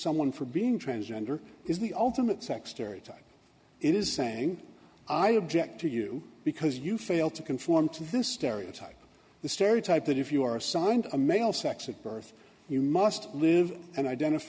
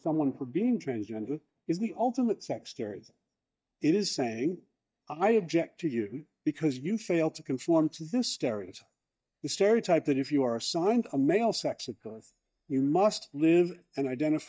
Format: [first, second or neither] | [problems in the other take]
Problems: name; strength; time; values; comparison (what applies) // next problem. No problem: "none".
first | noise reduction (neural mask model DeepFilterNet 3)